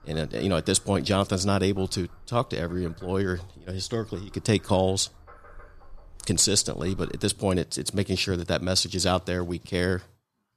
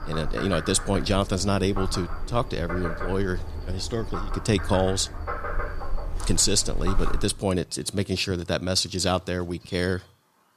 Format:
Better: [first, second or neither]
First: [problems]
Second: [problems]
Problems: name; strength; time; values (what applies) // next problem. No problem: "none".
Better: first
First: animal sounds; faint; throughout; 25 dB below the speech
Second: animal sounds; loud; throughout; 9 dB below the speech